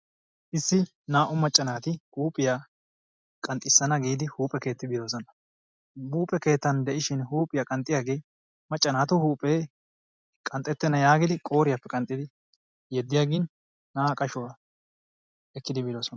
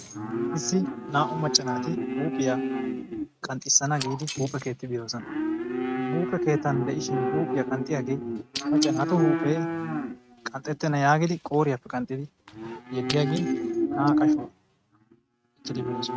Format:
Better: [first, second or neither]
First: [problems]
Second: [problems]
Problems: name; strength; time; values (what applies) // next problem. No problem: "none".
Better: first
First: none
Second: noise reduction (neural mask model RNNoise)